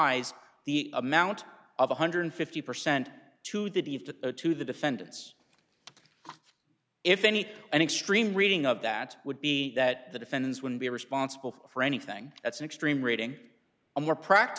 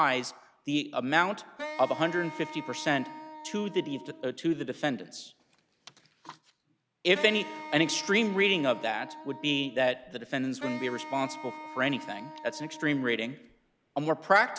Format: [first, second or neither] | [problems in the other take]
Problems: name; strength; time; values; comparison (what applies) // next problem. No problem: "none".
first | background sound (Wind instrument, woodwind instrument); 13 dB below the speech